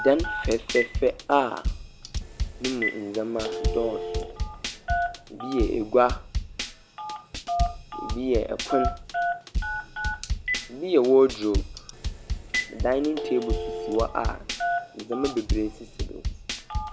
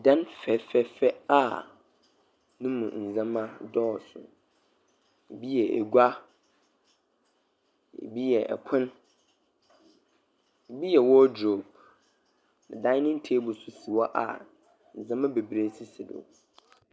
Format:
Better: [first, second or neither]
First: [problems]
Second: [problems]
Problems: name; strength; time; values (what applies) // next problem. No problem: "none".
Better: second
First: background sound (Drum / Drum kit + Telephone); 2 dB below the speech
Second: none